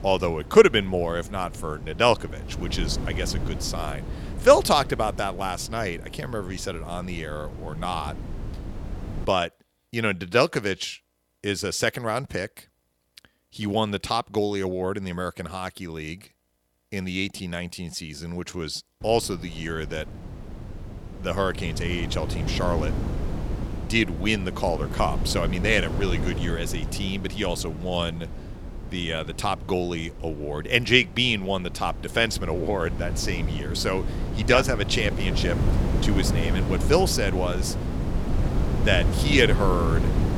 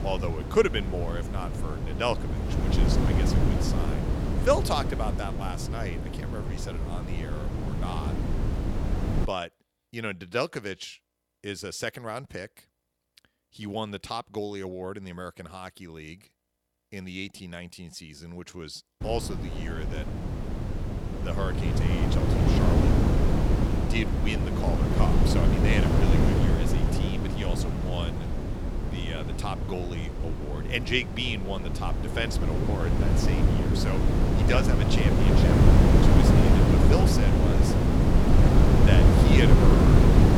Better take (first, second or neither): first